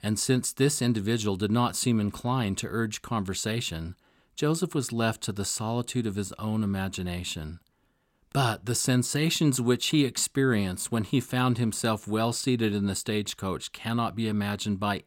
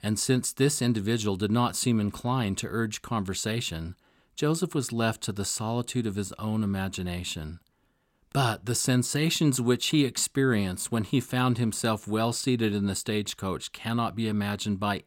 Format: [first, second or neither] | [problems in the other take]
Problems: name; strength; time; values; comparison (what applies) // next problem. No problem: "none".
neither | none